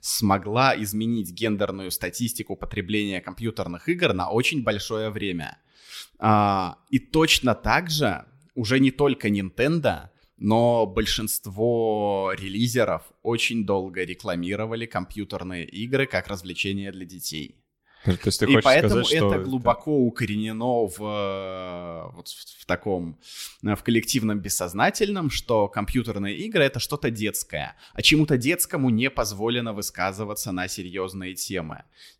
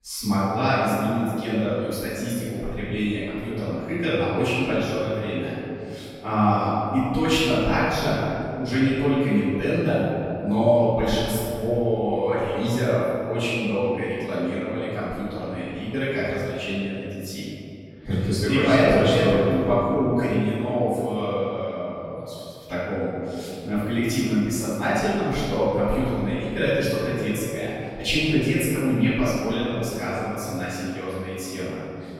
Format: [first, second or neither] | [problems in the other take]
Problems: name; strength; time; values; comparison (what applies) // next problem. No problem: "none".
first | room echo; strong; dies away in 2.9 s // off-mic speech; far